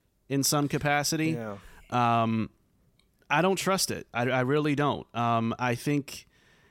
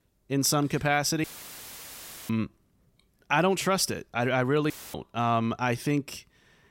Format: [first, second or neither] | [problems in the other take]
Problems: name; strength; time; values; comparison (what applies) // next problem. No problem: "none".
first | audio cutting out; filled with static; at 1 s for 1 s and at 4.5 s